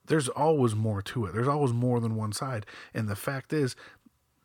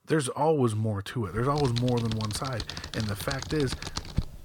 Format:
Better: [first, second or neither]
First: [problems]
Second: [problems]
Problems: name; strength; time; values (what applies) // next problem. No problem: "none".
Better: first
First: none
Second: keyboard typing; noticeable; from 1.5 s on; peak 5 dB below the speech